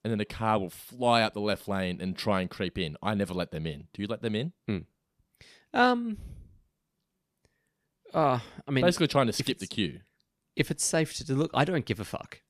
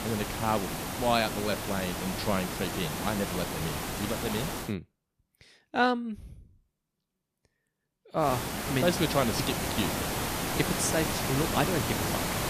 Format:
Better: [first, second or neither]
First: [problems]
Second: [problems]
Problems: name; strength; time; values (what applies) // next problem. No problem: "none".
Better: first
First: none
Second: hiss; loud; until 4.5 s and from 8 s on; 1 dB below the speech